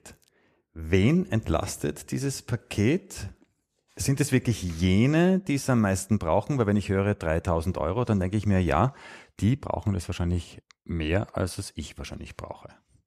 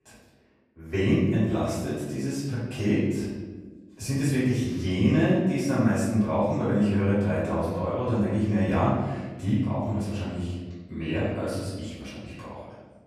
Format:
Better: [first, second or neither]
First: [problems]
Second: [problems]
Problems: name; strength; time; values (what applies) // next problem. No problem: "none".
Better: first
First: none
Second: off-mic speech; far // room echo; strong; dies away in 1.3 s